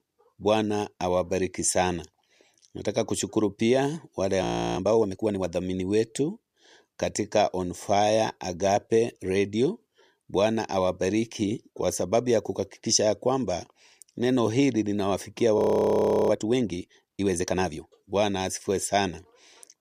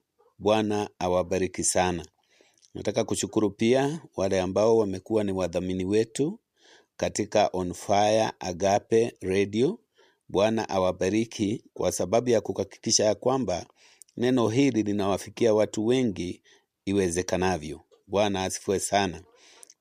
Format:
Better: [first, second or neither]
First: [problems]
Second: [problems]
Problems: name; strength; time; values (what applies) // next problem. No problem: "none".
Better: second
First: audio freezing; at 4.5 s and at 16 s for 0.5 s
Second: none